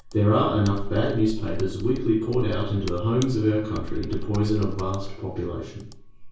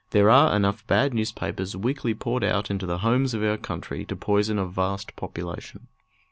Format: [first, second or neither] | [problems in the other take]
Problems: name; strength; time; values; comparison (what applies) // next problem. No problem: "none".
second | background sound (Computer keyboard); 7 dB below the speech // room echo; dies away in 0.6 s